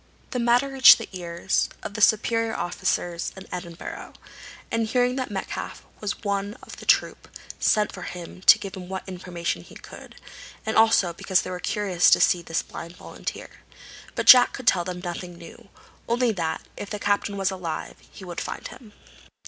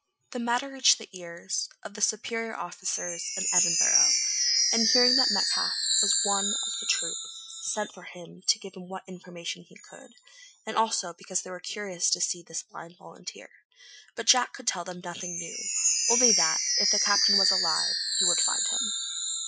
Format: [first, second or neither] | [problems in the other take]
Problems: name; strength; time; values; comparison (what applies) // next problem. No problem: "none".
first | noise reduction (classical method Wiener filter)